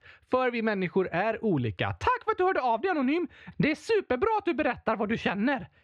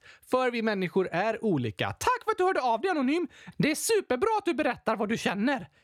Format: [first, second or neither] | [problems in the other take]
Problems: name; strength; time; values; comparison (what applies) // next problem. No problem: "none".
second | muffled; slightly; fading above 2.5 kHz